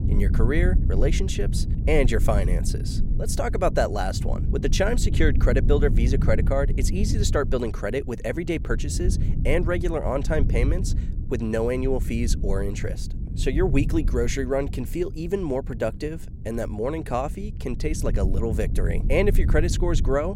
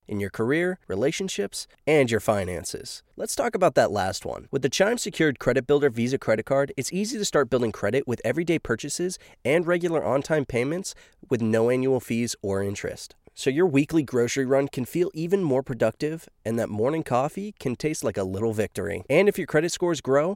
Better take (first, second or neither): second